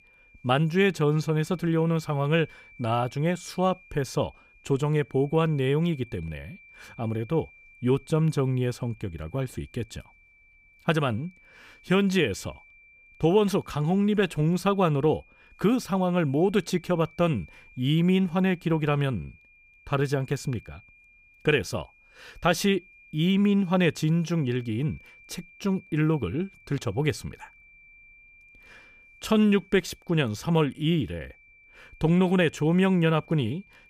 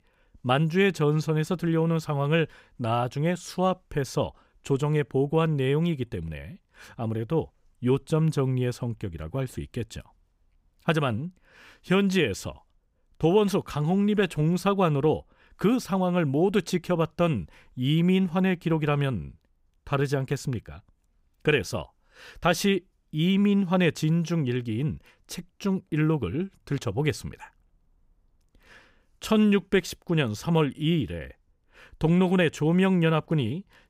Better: second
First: high-pitched whine; faint; throughout; 2.5 kHz, 25 dB below the speech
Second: none

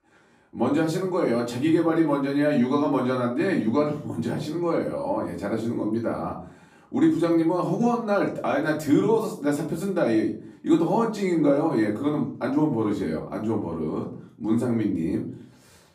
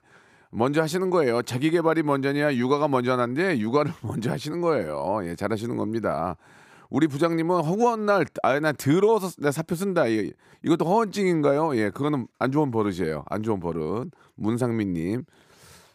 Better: second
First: room echo; slight; dies away in 0.4 s // off-mic speech; far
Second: none

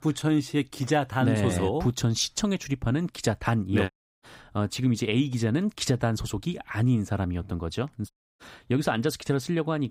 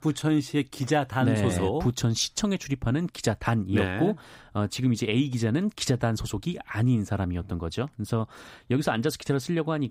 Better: second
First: audio cutting out; at 4 s and at 8 s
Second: none

